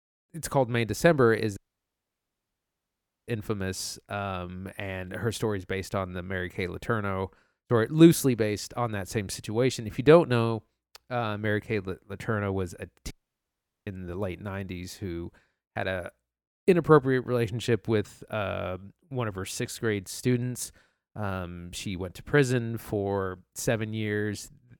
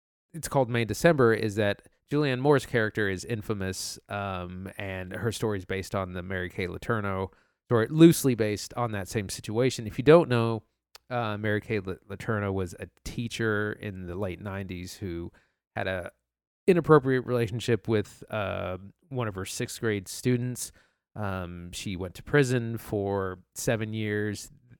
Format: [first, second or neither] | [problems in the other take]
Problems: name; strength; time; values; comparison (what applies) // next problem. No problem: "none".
second | audio cutting out; at 1.5 s for 1.5 s and at 13 s for 1 s